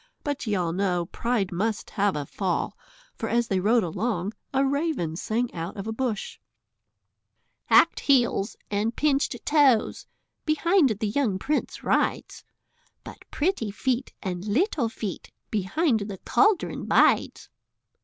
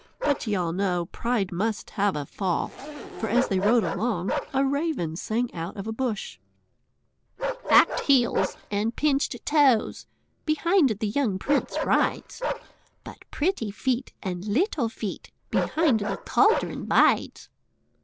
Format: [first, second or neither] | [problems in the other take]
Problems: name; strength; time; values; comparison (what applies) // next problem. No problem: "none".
first | background sound (Bark + Zipper (clothing)); 9 dB below the speech